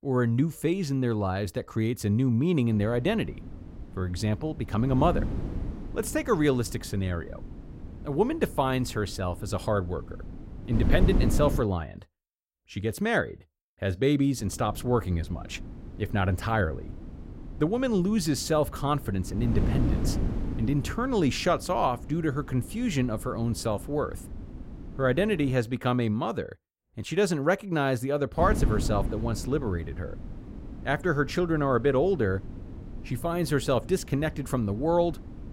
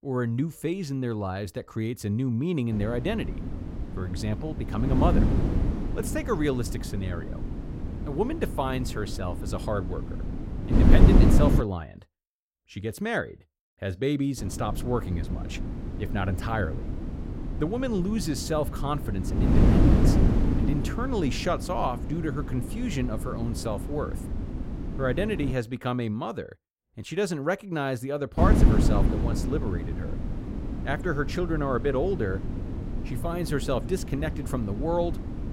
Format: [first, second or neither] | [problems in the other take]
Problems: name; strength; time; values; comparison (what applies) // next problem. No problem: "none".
first | wind noise on the microphone; heavy; from 2.5 to 12 s, from 14 to 26 s and from 28 s on; 5 dB below the speech; occasional gusts in the first